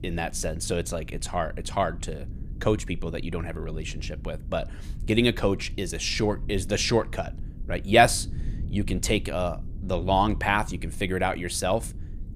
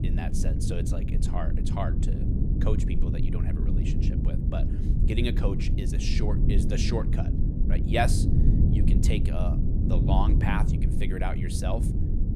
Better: first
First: low rumble; faint; throughout; 25 dB below the speech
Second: low rumble; loud; throughout; 4 dB below the speech

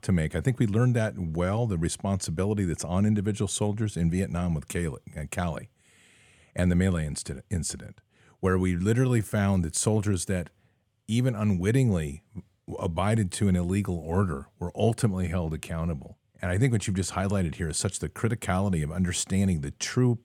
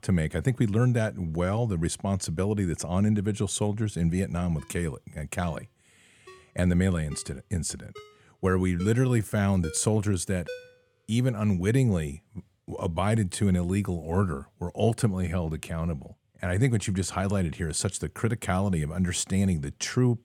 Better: first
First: none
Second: phone ringing; faint; from 4.5 to 11 s; peak 15 dB below the speech

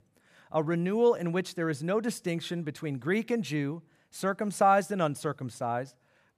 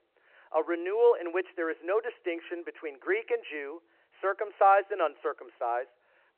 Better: first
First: none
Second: phone-call audio

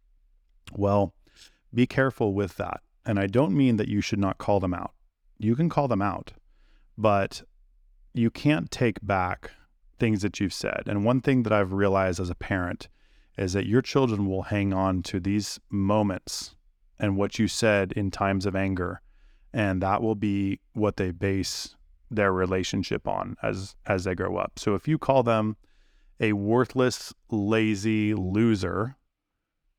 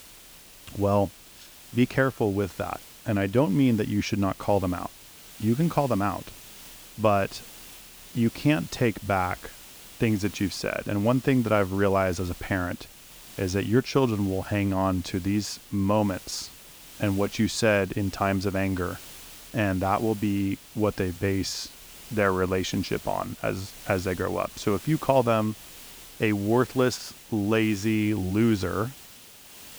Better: first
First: none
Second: hiss; noticeable; throughout; 20 dB below the speech

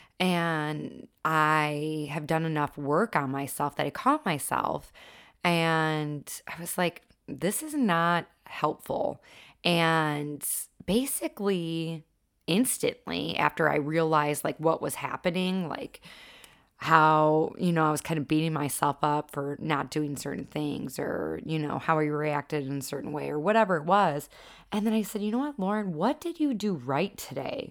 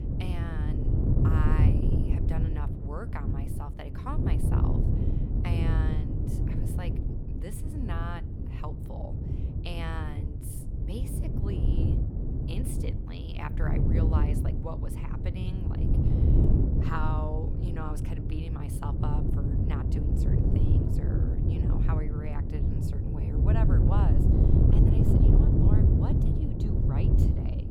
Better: first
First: none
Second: wind noise on the microphone; heavy; 3 dB above the speech

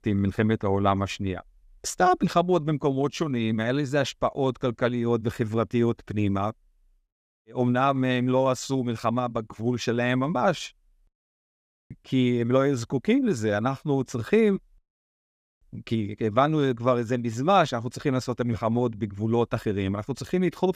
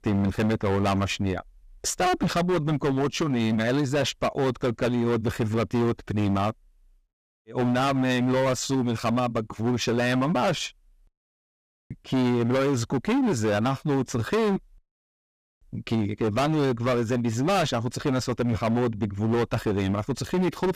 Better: first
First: none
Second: distortion; heavy; 20% of the sound clipped

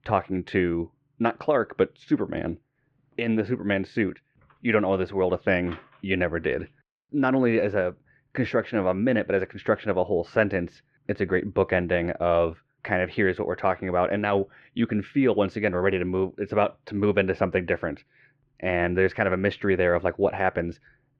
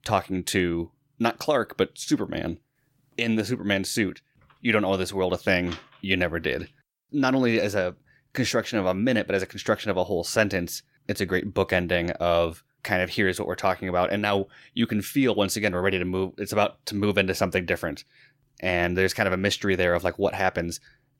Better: second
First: muffled; very; fading above 2.5 kHz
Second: none

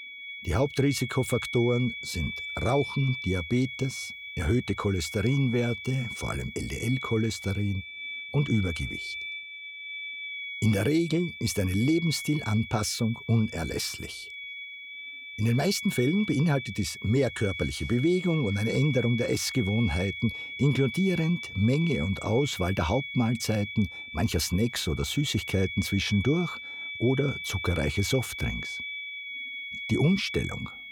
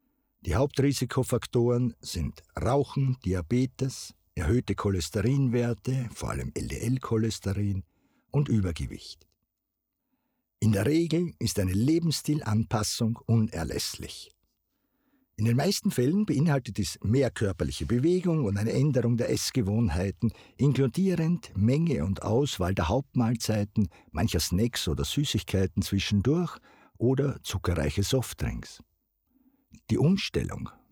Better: second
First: high-pitched whine; loud; throughout; 2.5 kHz, 8 dB below the speech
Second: none

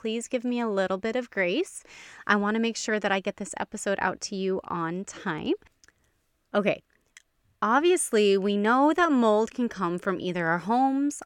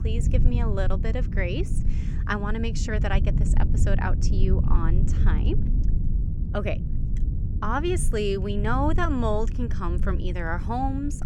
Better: first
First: none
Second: low rumble; noticeable; throughout; 10 dB below the speech

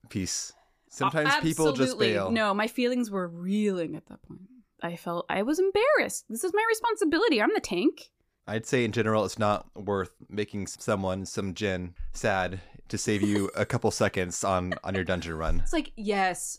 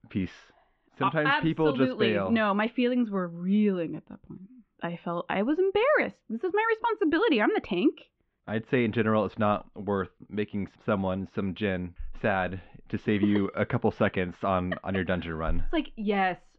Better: first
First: none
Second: muffled; very; fading above 3.5 kHz

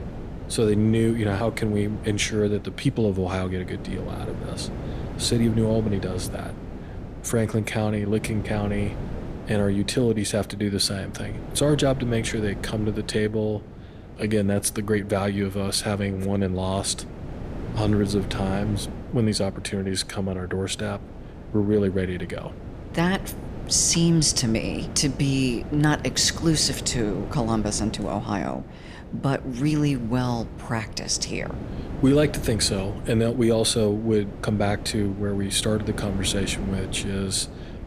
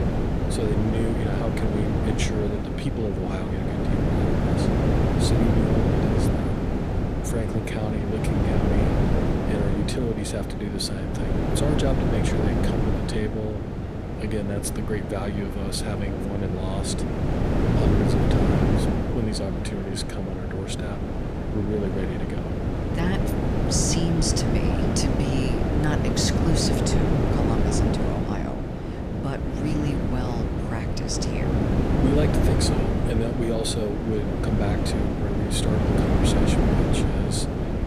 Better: first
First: wind noise on the microphone; occasional gusts; 15 dB below the speech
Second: wind noise on the microphone; heavy; 2 dB above the speech

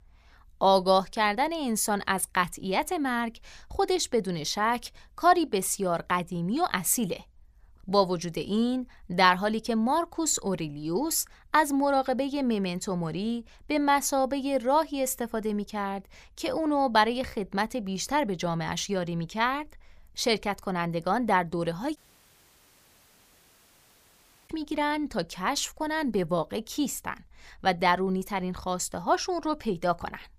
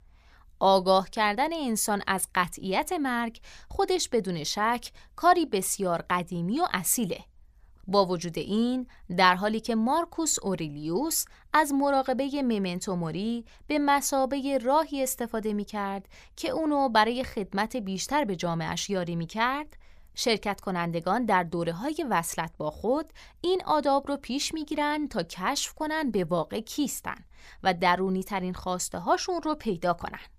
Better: second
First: audio cutting out; at 22 s for 2.5 s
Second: none

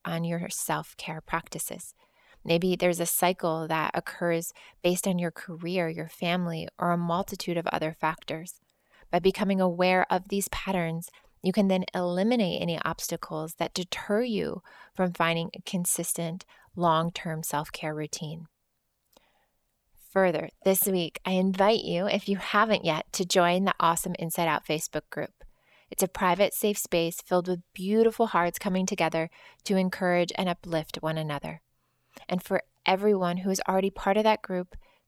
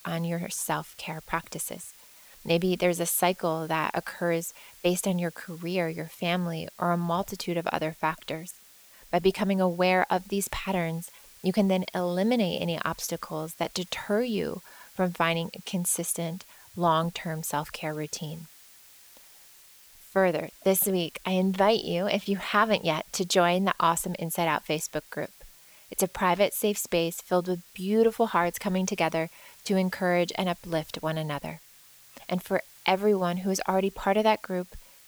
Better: first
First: none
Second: hiss; faint; throughout; 25 dB below the speech

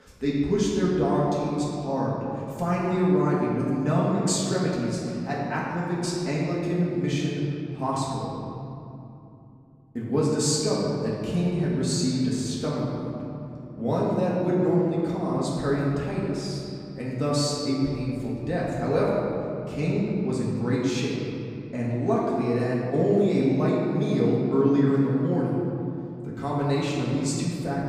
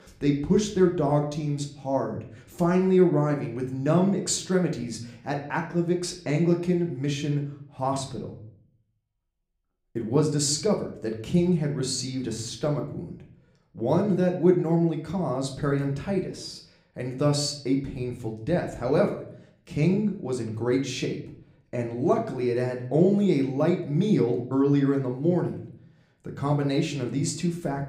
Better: second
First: room echo; strong; dies away in 2.7 s // off-mic speech; far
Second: room echo; slight; dies away in 0.5 s // off-mic speech; somewhat distant

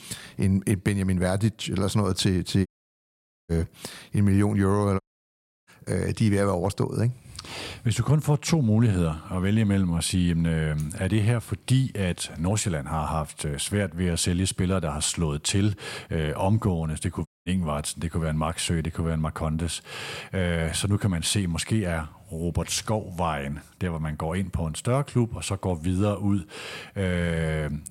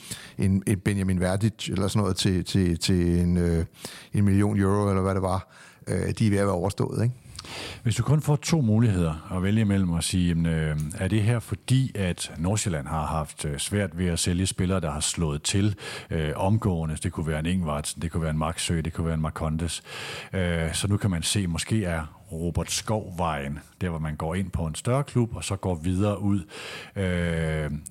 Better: second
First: audio cutting out; at 2.5 s for 1 s, at 5 s for 0.5 s and at 17 s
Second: none

